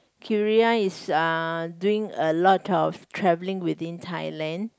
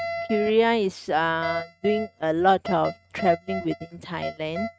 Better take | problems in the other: first | noise reduction (neural mask model RNNoise)

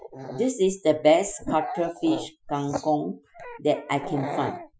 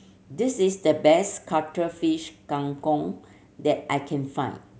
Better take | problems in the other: second | noise reduction (classical method Wiener filter)

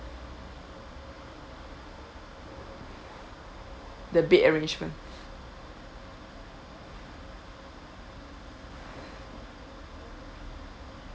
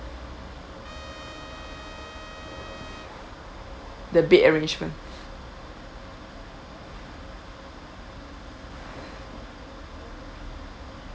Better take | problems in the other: first | background sound (Trumpet); 16 dB below the speech

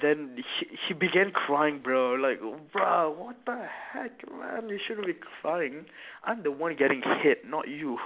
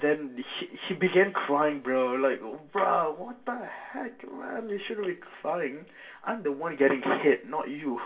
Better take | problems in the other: first | room echo; dies away in 0.2 s

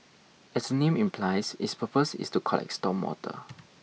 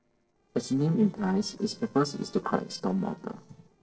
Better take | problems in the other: first | noise reduction (neural separator model SepFormer DNS4)

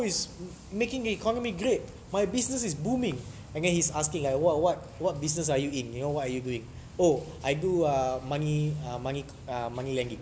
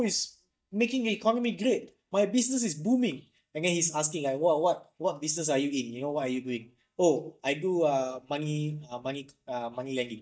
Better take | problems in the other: first | noise reduction (neural mask model DeepFilterNet 3)

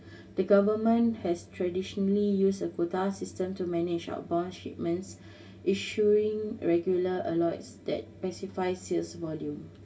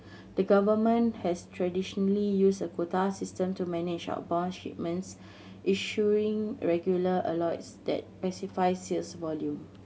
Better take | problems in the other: second | room echo; dies away in 0.1 s

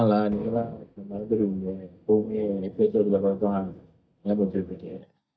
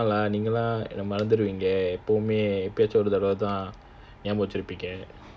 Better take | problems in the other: second | noise reduction (neural mask model DeepFilterNet 3)

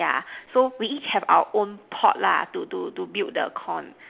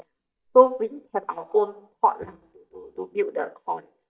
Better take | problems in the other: first | noise reduction (neural mask model DeepFilterNet 3)

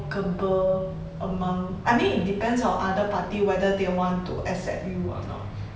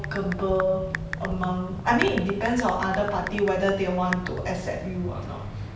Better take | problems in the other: first | background sound (Typing); 10 dB below the speech

